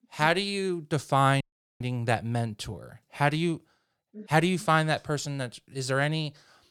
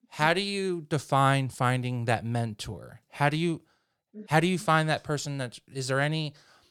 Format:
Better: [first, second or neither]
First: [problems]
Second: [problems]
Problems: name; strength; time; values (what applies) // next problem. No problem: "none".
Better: second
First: audio cutting out; at 1.5 s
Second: none